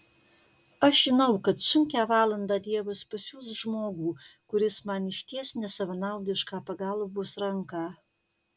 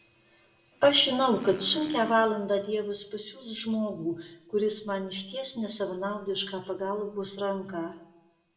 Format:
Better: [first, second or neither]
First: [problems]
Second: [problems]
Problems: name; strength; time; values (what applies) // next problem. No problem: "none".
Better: first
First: none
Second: background sound (Motorcycle); 19 dB below the speech // room echo; dies away in 0.6 s